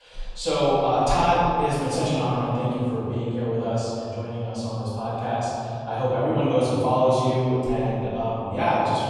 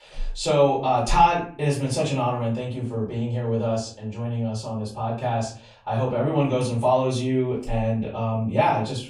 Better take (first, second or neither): second